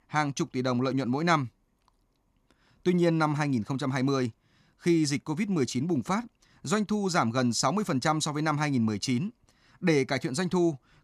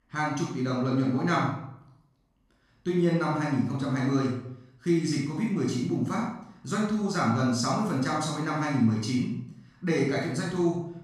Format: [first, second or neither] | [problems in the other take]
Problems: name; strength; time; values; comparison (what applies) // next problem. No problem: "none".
first | off-mic speech; far // room echo; noticeable; dies away in 0.6 s